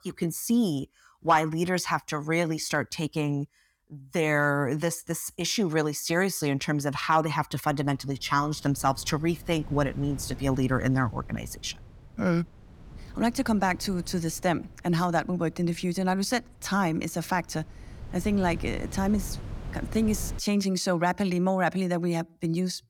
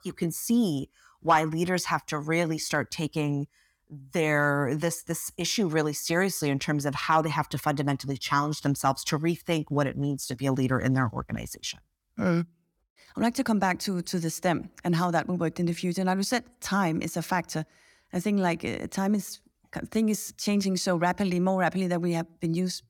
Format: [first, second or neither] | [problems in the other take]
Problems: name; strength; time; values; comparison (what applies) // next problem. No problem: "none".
second | wind noise on the microphone; occasional gusts; from 7.5 to 20 s; 25 dB below the speech